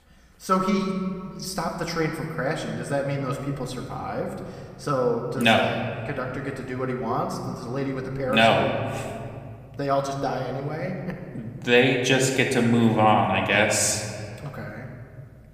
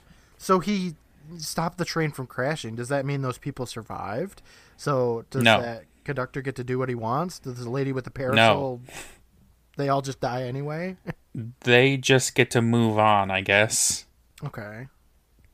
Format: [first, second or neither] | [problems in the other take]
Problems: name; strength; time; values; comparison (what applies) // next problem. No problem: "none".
second | room echo; slight; dies away in 1.9 s // off-mic speech; somewhat distant